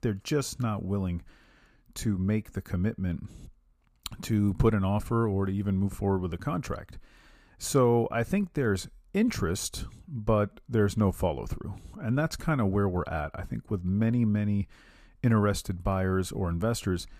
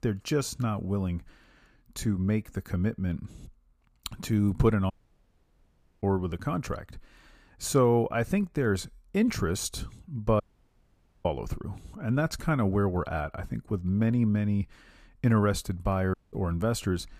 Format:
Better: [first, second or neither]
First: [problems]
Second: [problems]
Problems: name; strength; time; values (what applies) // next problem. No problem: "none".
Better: first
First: none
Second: audio cutting out; at 5 s for 1 s, at 10 s for 1 s and at 16 s